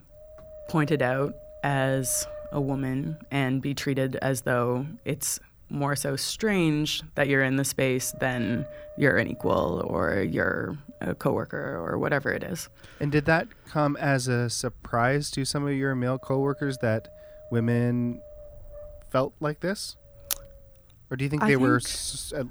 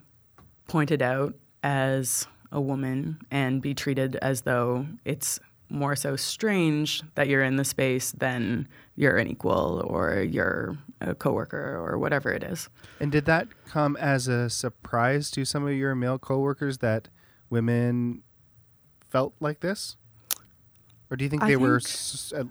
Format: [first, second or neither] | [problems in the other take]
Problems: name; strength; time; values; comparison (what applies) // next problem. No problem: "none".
second | wind noise on the microphone; occasional gusts; 15 dB below the speech